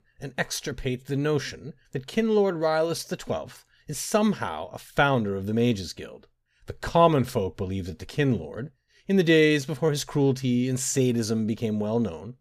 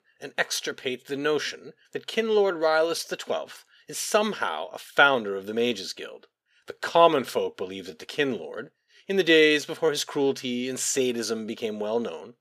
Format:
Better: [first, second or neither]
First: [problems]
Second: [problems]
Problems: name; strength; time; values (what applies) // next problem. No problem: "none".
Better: first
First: none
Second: thin; somewhat; fading below 400 Hz